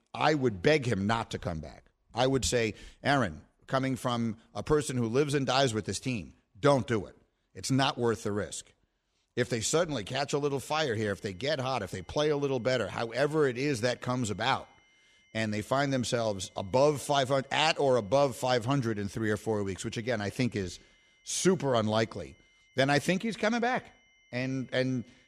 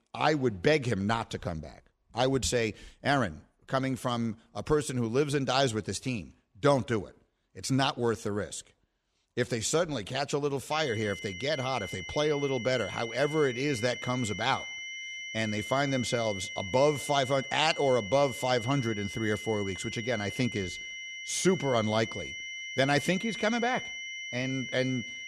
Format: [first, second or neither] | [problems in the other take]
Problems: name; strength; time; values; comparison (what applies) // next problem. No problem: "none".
first | high-pitched whine; loud; from 11 s on; 2 kHz, 8 dB below the speech; faint in the first